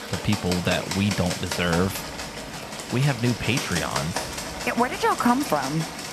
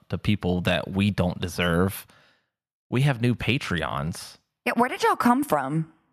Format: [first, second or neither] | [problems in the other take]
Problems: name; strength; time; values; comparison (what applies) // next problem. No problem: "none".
second | animal sounds; loud; throughout; 6 dB below the speech